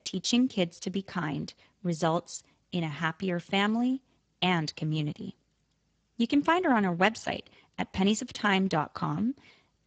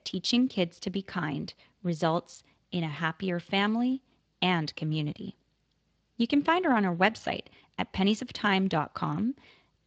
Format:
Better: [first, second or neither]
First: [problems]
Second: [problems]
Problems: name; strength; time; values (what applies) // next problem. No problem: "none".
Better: second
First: garbled, watery; badly; nothing above 7.5 kHz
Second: garbled, watery; slightly; nothing above 7.5 kHz